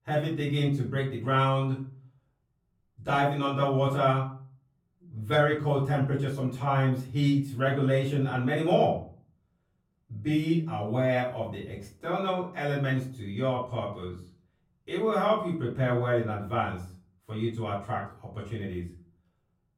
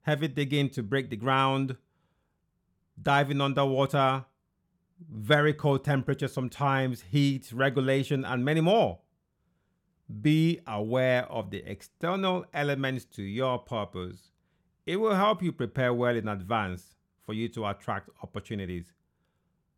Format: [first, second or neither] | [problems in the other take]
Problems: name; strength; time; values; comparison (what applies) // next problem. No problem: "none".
second | off-mic speech; far // room echo; slight; dies away in 0.4 s